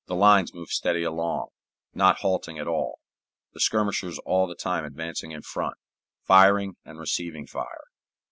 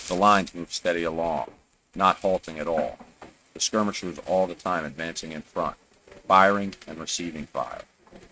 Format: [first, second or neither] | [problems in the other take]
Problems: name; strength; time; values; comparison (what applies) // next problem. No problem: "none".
first | noise reduction (neural mask model RNNoise)